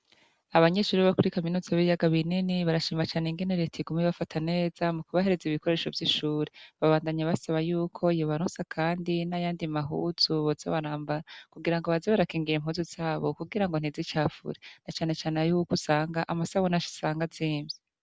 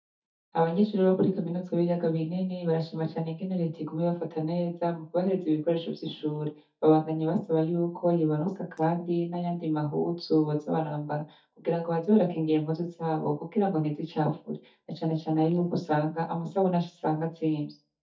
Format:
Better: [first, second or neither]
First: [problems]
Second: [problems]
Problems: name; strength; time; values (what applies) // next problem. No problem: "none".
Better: first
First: none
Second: noise reduction (neural mask model DeepFilterNet 3)